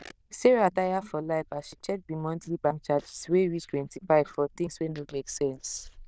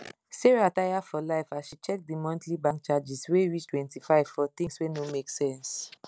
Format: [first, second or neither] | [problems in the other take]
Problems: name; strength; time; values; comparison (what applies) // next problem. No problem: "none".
second | noise reduction (neural diffusion model UNIVERSE++)